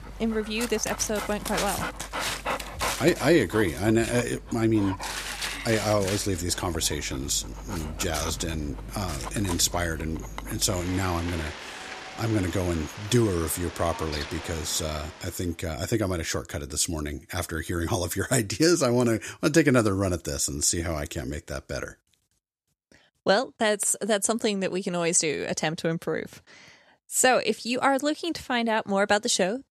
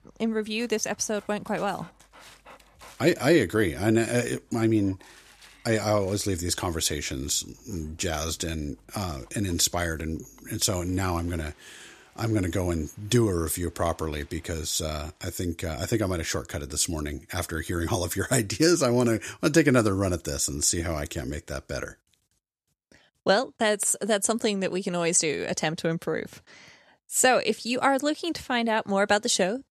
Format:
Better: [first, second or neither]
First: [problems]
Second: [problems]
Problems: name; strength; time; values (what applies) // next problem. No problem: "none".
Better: second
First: animal sounds; loud; until 15 s; 9 dB below the speech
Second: animal sounds; faint; until 15 s; 30 dB below the speech